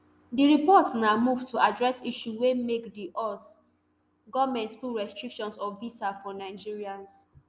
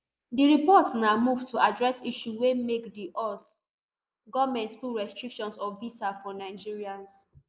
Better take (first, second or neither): first